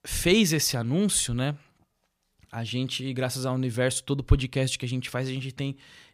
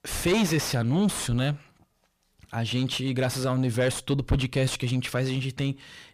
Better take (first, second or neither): first